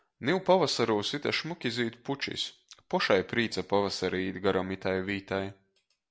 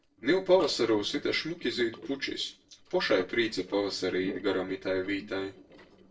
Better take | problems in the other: first | noise reduction (neural separator model SepFormer DNS4)

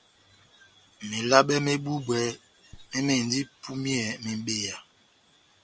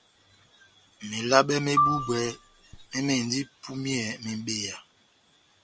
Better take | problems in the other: first | background sound (Marimba, xylophone); 1 dB below the speech

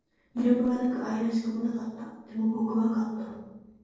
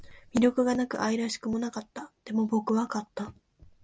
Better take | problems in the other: second | noise reduction (neural separator model SepFormer DNS4)

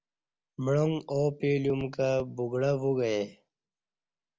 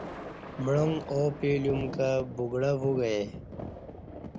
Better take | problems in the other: first | background sound (Thunder); 10 dB below the speech

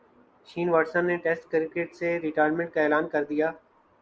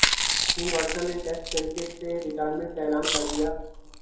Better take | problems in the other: first | background sound (Chewing, mastication); 1 dB above the speech // room echo; dies away in 2.7 s

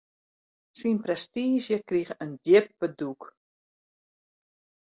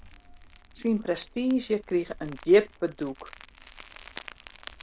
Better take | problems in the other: first | background sound (Crumpling, crinkling); 19 dB below the speech

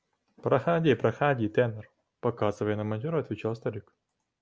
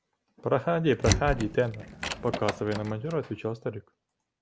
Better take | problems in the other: first | background sound (Door); 4 dB below the speech

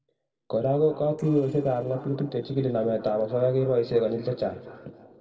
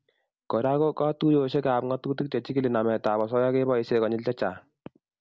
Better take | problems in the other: second | noise reduction (neural separator model SepFormer DNS4)

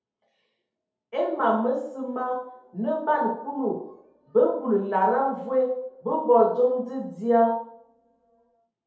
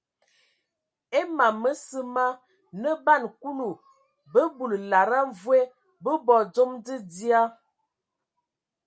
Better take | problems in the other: second | room echo; dies away in 2.1 s

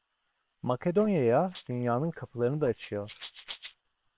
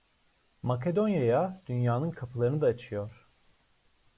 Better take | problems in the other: second | noise reduction (neural separator model SepFormer WHAM!)

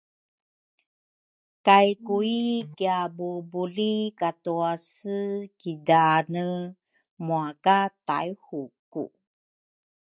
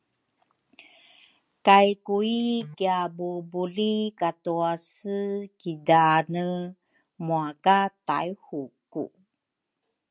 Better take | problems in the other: second | noise reduction (neural mask model DeepFilterNet 3)

